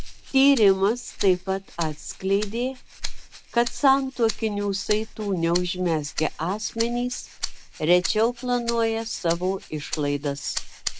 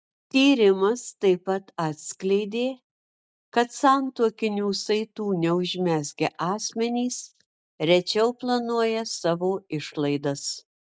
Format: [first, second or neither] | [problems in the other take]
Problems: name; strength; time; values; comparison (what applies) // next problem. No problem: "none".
second | background sound (Rattle (instrument)); 8 dB below the speech